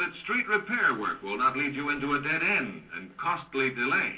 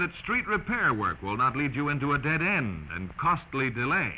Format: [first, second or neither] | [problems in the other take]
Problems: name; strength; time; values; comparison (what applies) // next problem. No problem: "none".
second | noise reduction (neural separator model SepFormer DNS4)